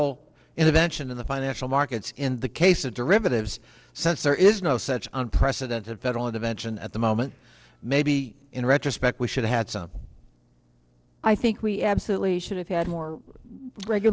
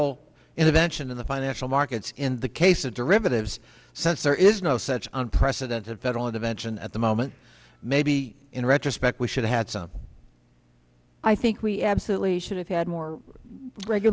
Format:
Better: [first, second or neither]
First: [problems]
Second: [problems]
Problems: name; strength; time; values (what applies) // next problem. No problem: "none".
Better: second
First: noise reduction (neural separator model SepFormer DNS4)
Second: none